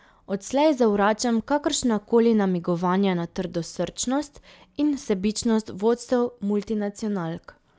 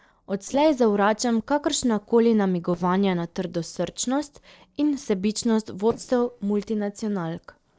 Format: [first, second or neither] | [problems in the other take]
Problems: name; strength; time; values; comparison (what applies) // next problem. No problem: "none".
first | noise reduction (neural separator model SepFormer DNS4)